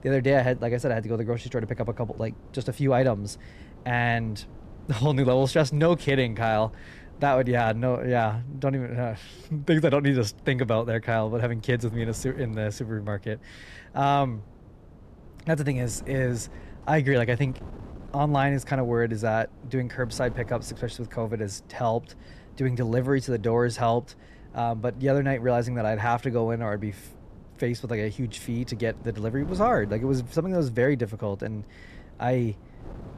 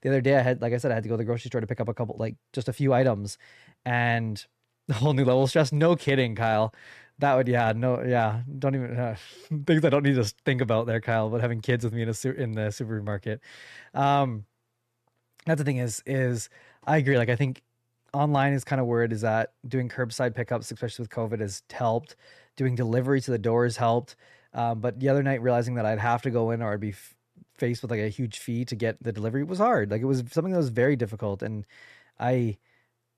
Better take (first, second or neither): second